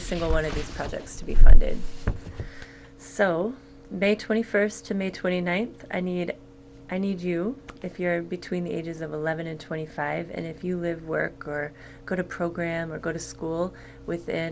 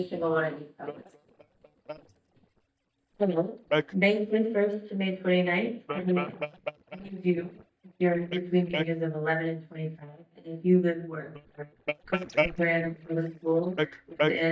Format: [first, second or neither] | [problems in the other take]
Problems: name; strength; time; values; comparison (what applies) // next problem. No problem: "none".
first | noise reduction (neural mask model DeepFilterNet 3)